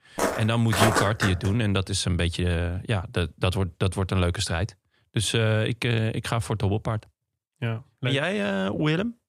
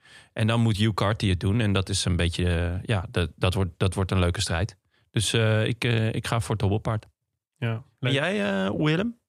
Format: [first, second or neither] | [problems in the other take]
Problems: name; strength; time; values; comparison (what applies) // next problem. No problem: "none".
second | footsteps; loud; until 1.5 s; peak 3 dB above the speech